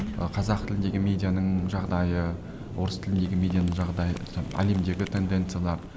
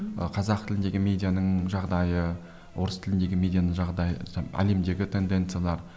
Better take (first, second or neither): second